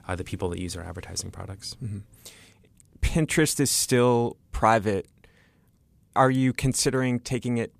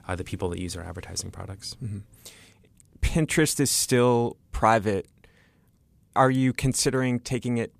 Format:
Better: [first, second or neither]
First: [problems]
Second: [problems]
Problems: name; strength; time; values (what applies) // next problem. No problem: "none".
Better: neither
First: none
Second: none